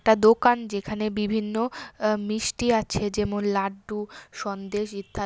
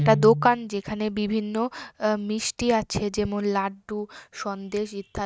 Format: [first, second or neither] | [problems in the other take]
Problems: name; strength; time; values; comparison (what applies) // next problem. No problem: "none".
first | noise reduction (neural mask model RNNoise)